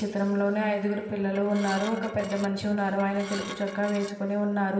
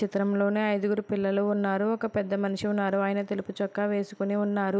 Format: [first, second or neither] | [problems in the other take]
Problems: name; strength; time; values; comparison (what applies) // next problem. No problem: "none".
second | background sound (Dishes, pots, and pans / Glass); 14 dB below the speech // room echo; dies away in 2.4 s